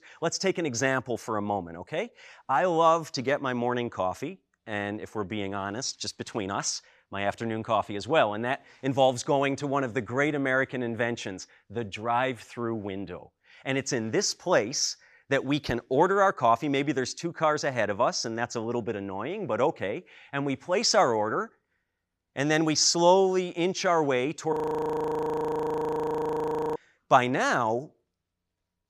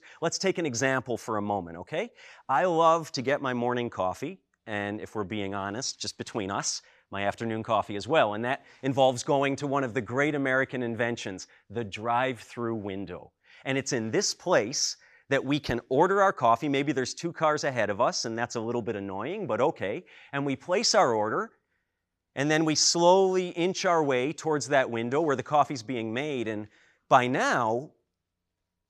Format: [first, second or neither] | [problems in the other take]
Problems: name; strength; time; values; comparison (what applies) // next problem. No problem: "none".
second | audio freezing; at 25 s for 2 s